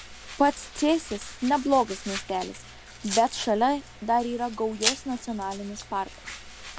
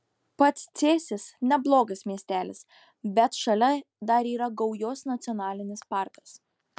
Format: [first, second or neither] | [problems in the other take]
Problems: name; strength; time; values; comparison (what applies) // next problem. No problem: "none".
second | background sound (Domestic sounds, home sounds); 10 dB below the speech